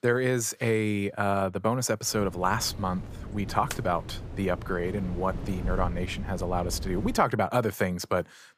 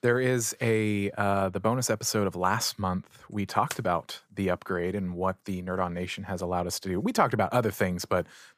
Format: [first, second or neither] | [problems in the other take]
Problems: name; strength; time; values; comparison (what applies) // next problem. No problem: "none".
second | wind noise on the microphone; occasional gusts; from 2 to 7 s; 20 dB below the speech